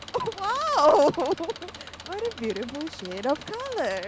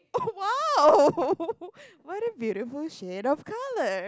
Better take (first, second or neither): second